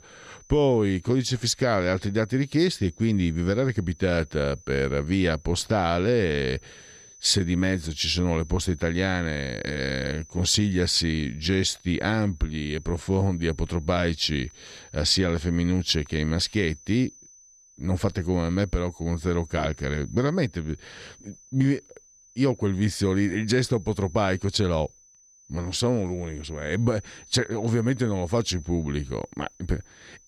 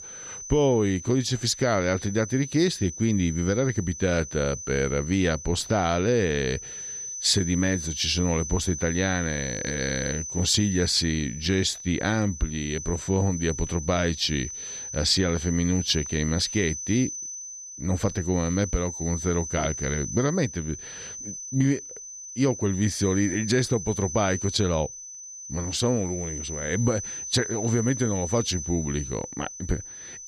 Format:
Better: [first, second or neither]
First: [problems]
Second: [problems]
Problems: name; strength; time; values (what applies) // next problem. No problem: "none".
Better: first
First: high-pitched whine; faint; throughout; 6 kHz, 25 dB below the speech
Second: high-pitched whine; loud; throughout; 6 kHz, 8 dB below the speech